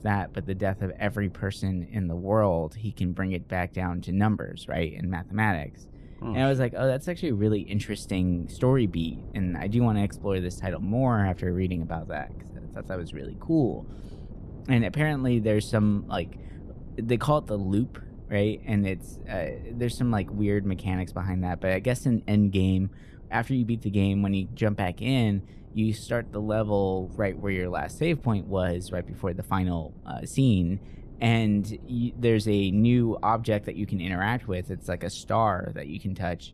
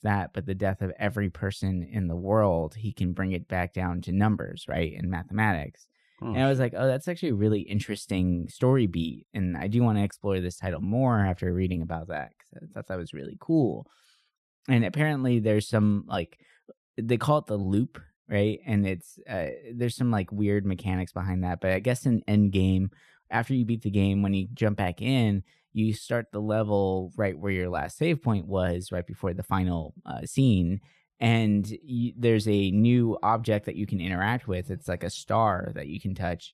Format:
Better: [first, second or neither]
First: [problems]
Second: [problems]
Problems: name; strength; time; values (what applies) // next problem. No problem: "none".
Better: second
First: wind noise on the microphone; occasional gusts; 25 dB below the speech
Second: none